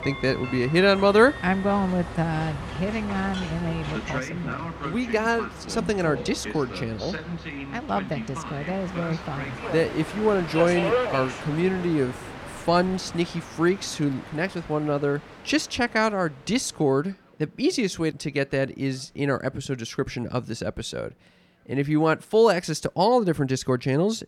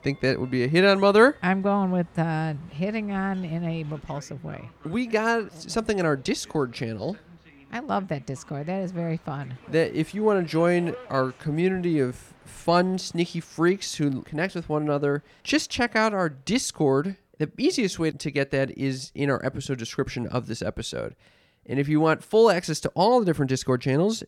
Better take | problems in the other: second | train or aircraft noise; loud; throughout; 9 dB below the speech; faint in the second

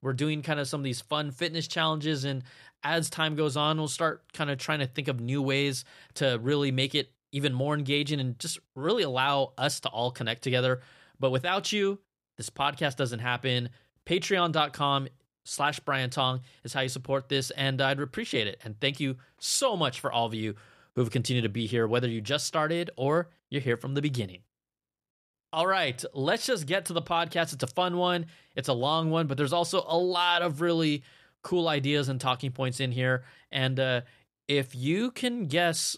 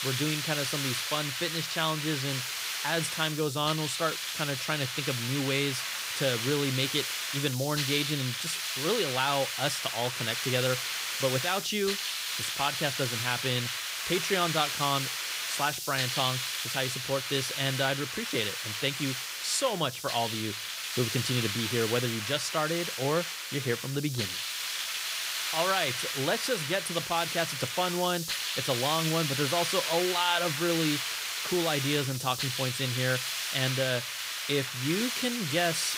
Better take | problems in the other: first | hiss; loud; throughout; 1 dB below the speech

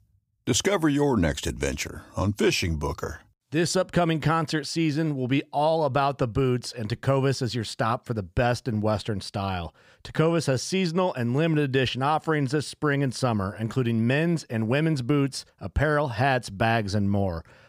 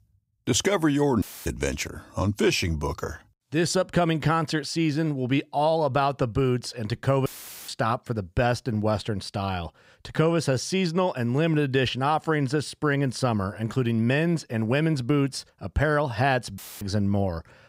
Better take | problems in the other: first | audio cutting out; filled with static; at 1 s, at 7.5 s and at 17 s

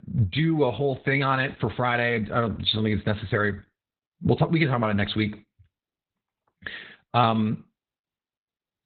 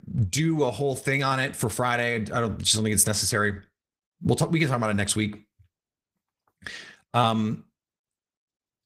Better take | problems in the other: second | garbled, watery; badly; nothing above 4 kHz; slightly in the second

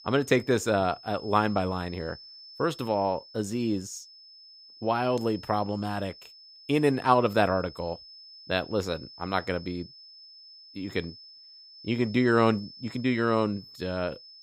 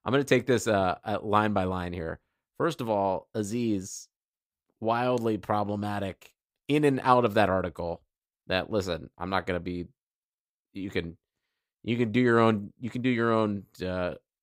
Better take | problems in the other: second | high-pitched whine; noticeable; throughout; 5 kHz, 20 dB below the speech

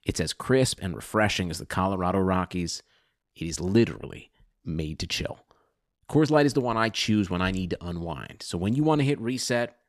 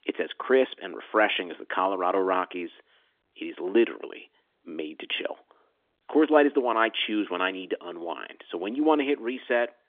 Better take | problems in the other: first | phone-call audio; nothing above 3.5 kHz

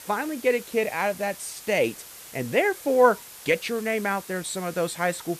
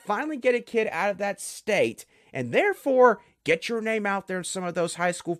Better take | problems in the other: second | hiss; noticeable; throughout; 15 dB below the speech

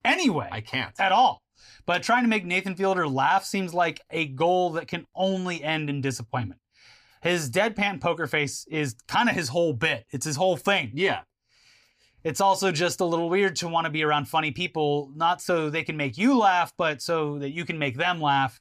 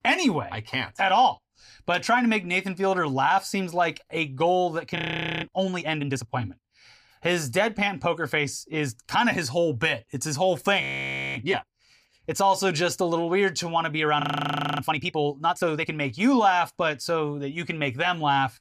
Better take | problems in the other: first | audio freezing; at 5 s, at 11 s for 0.5 s and at 14 s for 0.5 s

